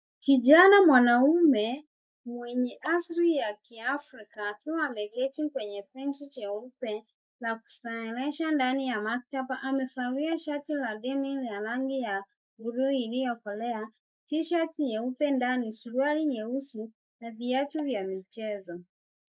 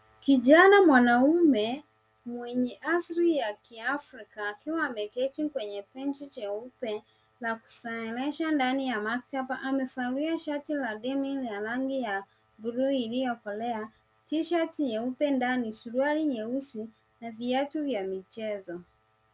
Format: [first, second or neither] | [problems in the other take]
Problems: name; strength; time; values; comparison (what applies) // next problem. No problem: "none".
second | noise reduction (neural mask model Resemble Enhance denoiser)